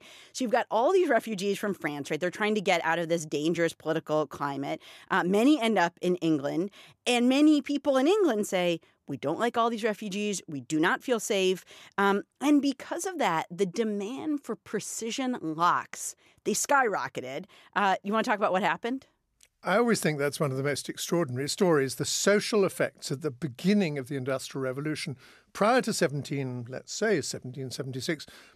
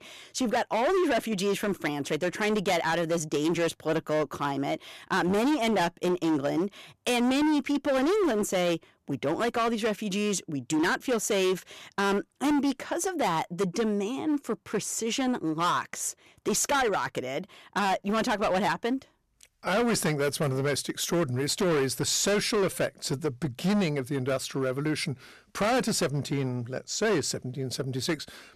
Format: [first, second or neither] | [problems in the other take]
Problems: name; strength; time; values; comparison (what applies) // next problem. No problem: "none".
first | distortion; heavy; 16% of the sound clipped